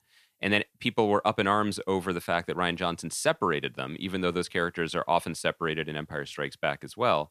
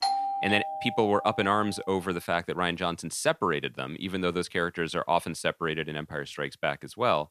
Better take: first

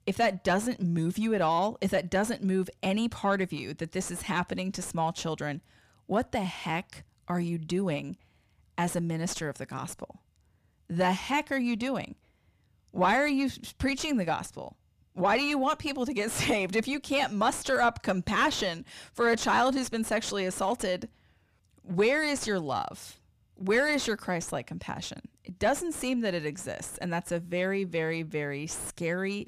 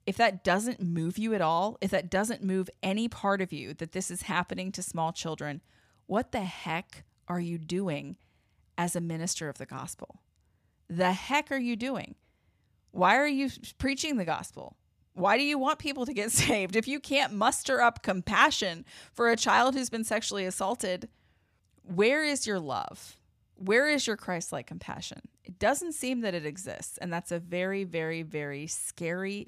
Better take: second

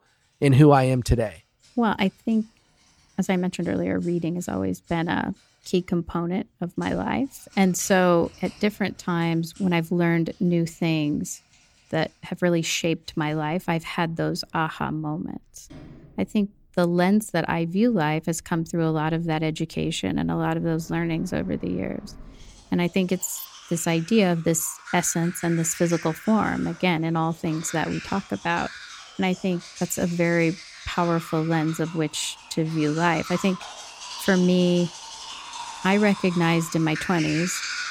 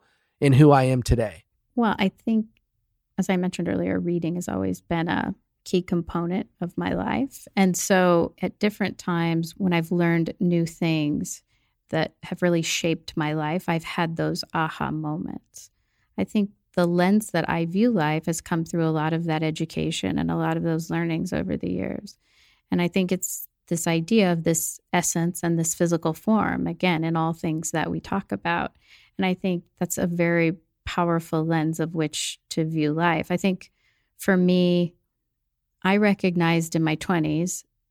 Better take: second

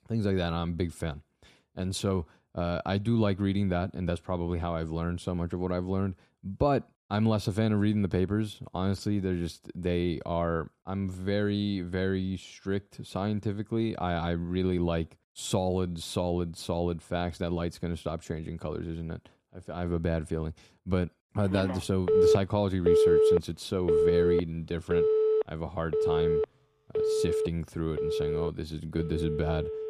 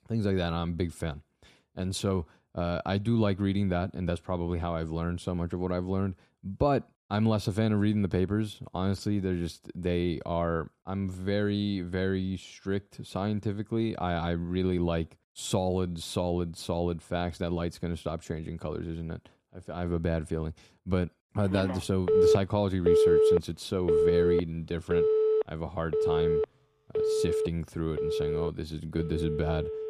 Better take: neither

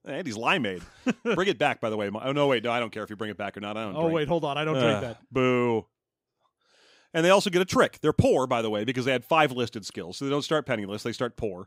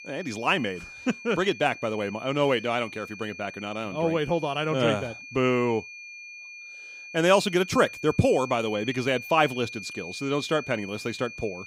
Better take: first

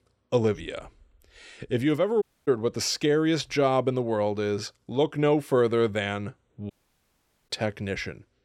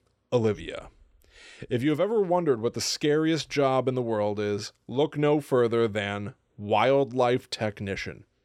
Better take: second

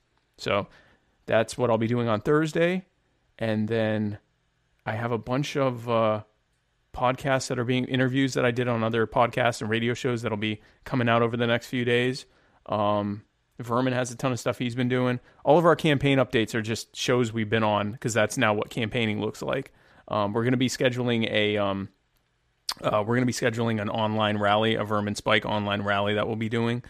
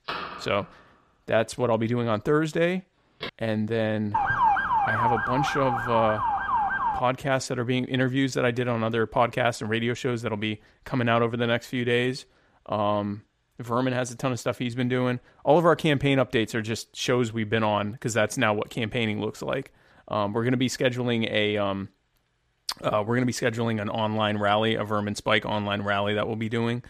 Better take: first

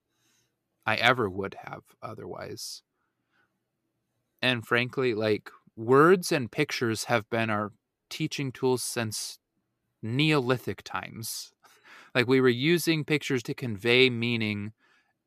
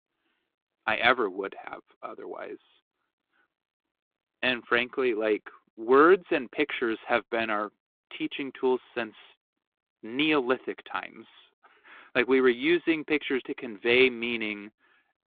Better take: first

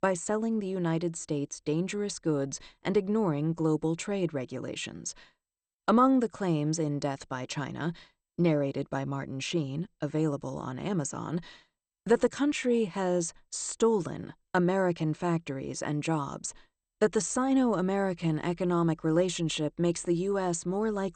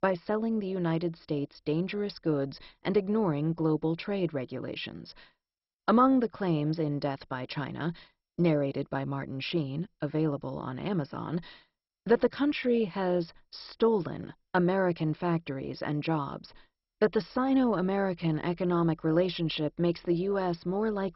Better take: first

